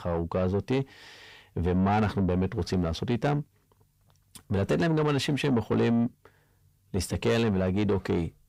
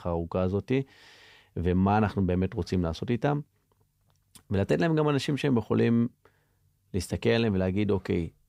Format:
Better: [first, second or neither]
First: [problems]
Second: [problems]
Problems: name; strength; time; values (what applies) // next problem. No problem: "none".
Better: second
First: distortion; slight; 10 dB below the speech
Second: none